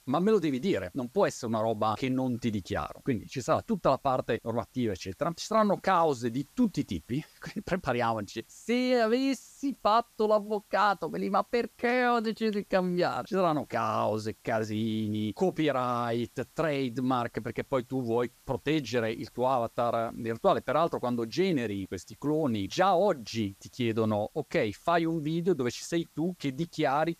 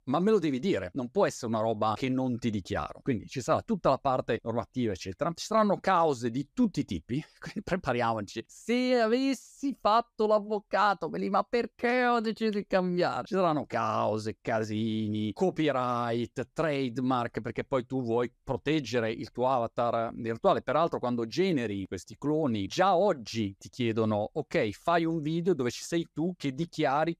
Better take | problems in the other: second | hiss; faint; throughout; 30 dB below the speech

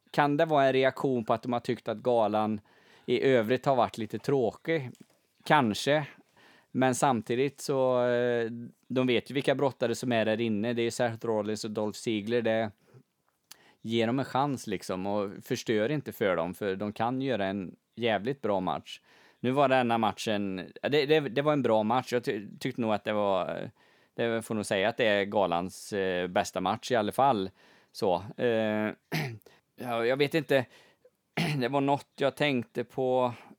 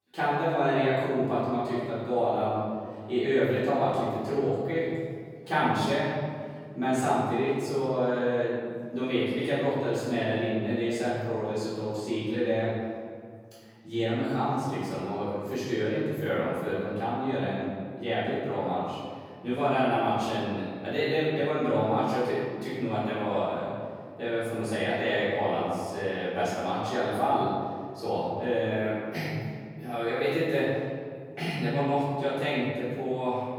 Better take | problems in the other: first | off-mic speech; far // room echo; strong; dies away in 1.9 s

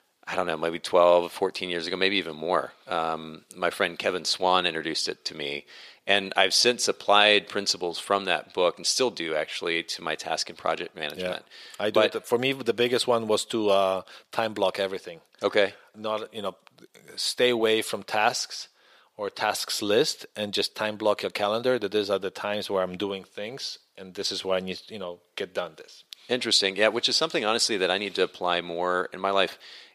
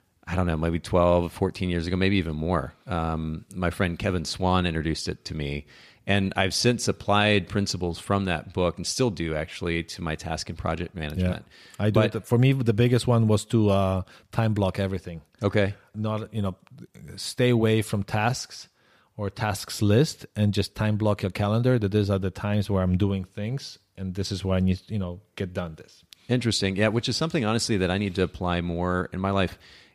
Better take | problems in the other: second | thin; very; fading below 500 Hz

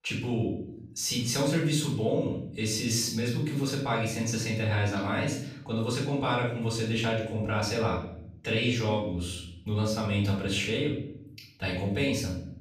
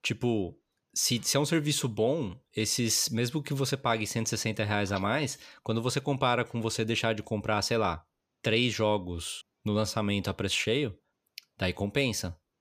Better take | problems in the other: second | off-mic speech; far // room echo; noticeable; dies away in 0.7 s

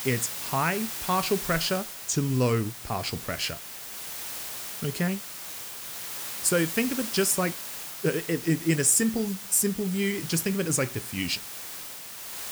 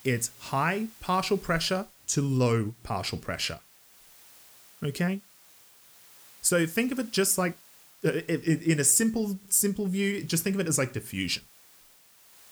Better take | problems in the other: second | hiss; loud; throughout; 8 dB below the speech; faint in the second

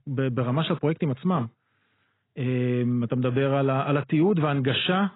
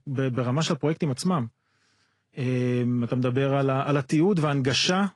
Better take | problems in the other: second | garbled, watery; badly; nothing above 4 kHz; slightly in the second

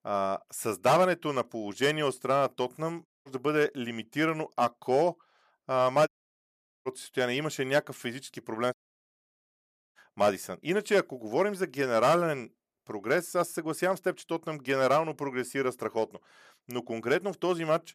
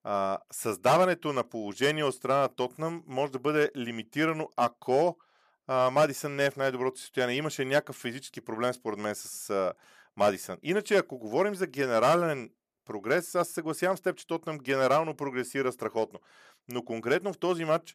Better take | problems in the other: second | audio cutting out; at 3 s, at 6 s for 1 s and at 8.5 s for 1 s

